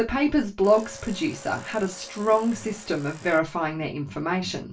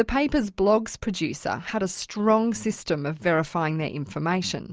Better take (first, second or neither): second